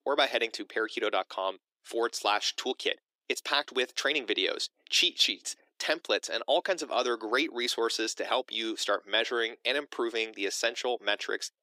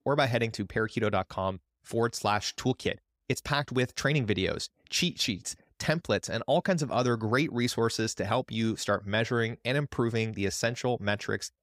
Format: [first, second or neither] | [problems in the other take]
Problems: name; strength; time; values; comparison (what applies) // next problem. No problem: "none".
second | thin; very; fading below 300 Hz